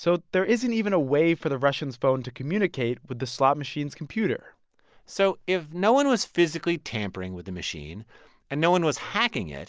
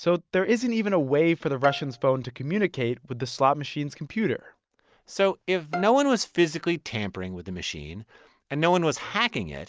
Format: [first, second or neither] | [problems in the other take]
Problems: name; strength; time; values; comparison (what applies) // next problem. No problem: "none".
first | noise reduction (neural mask model RNNoise)